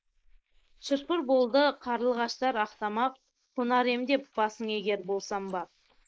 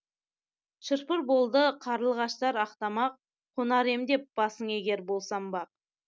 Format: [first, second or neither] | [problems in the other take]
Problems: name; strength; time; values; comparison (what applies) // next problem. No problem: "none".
second | noise reduction (neural mask model Resemble Enhance denoiser)